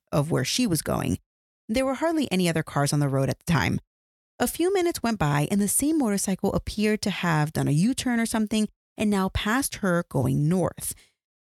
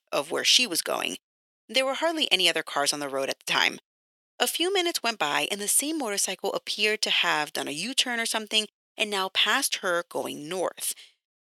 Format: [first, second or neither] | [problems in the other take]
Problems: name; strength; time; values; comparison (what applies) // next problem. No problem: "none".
first | thin; very; fading below 400 Hz